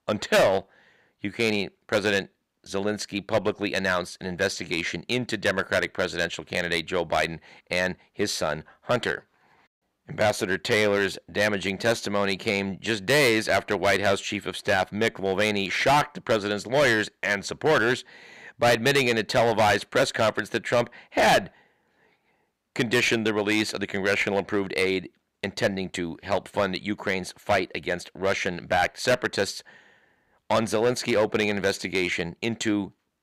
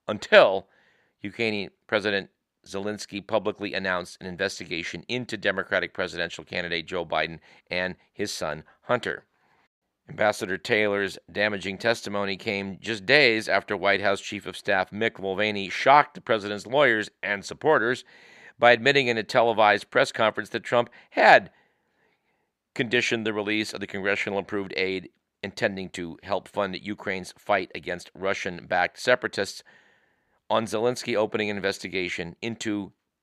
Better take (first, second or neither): second